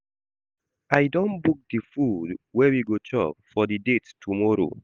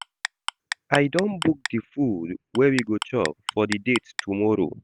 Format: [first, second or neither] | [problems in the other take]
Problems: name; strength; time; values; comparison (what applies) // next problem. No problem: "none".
first | background sound (Clock); 10 dB below the speech